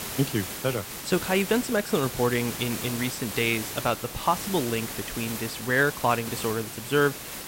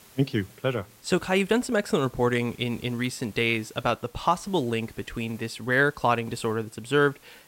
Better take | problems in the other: second | hiss; loud; throughout; 7 dB below the speech; faint in the second

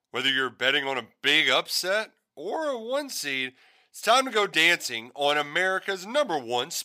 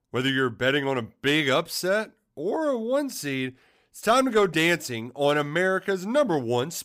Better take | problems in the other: second | thin; somewhat; fading below 650 Hz

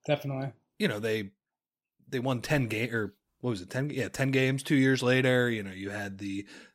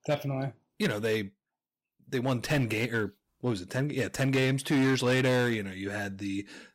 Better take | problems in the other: first | distortion; slight; 6% of the sound clipped

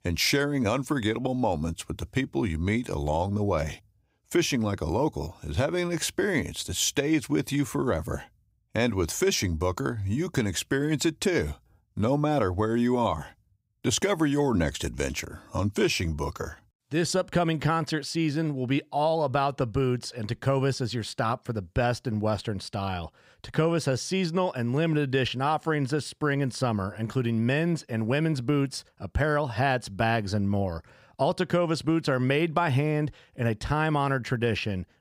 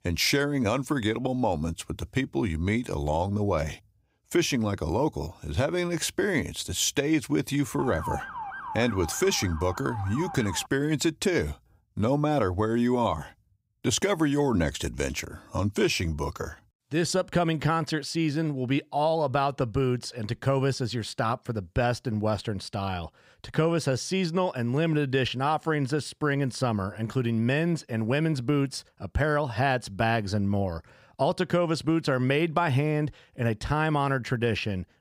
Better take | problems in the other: first | siren; noticeable; from 8 to 11 s; peak 7 dB below the speech

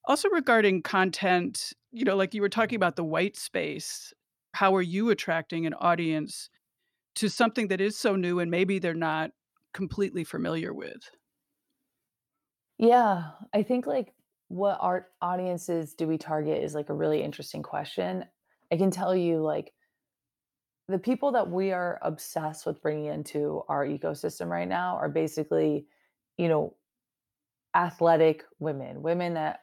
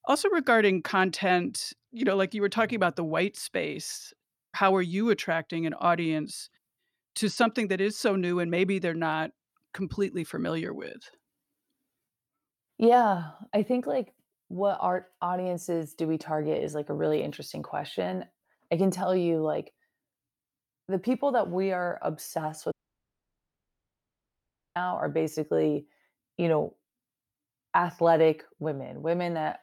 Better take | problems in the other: first | audio cutting out; at 23 s for 2 s

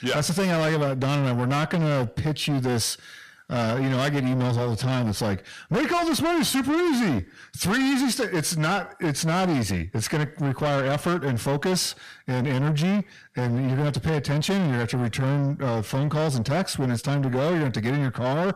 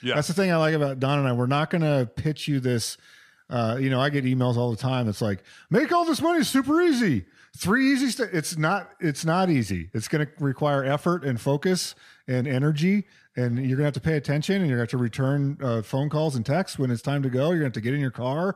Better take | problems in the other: second | distortion; heavy; 7 dB below the speech

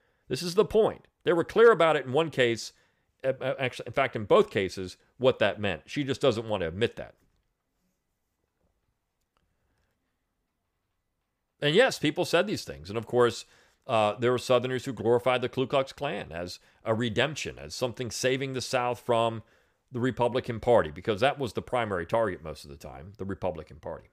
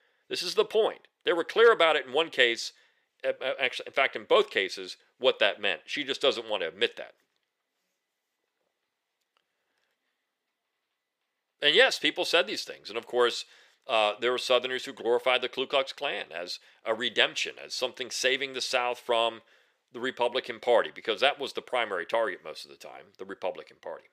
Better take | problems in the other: first | thin; somewhat; fading below 450 Hz

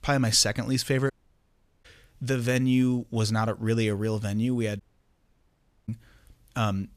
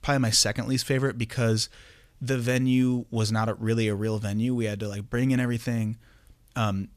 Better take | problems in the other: second | audio cutting out; at 1 s for 0.5 s and at 5 s for 1 s

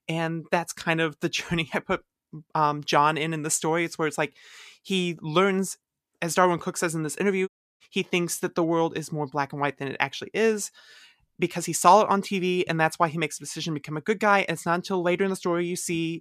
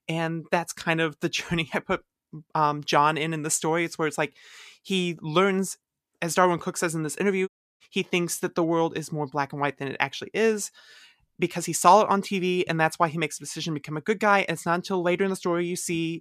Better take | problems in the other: neither | audio cutting out; at 7.5 s; the same in both

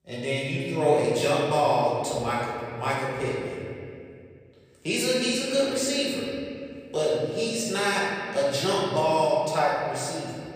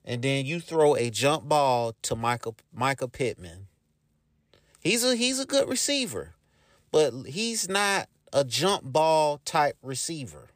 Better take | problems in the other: second | room echo; strong; dies away in 2.3 s // off-mic speech; far

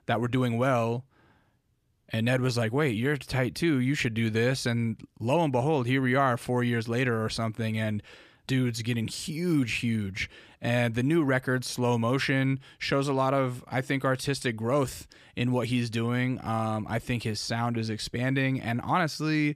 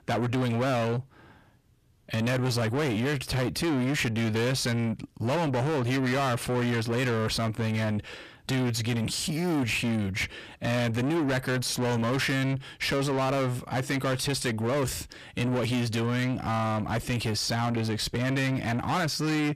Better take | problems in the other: first | distortion; heavy; 8 dB below the speech

